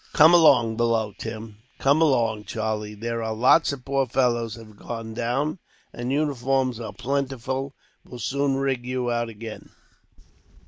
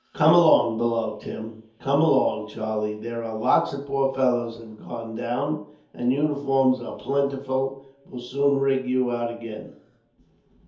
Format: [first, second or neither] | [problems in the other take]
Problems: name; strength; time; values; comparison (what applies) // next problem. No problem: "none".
first | room echo; dies away in 0.5 s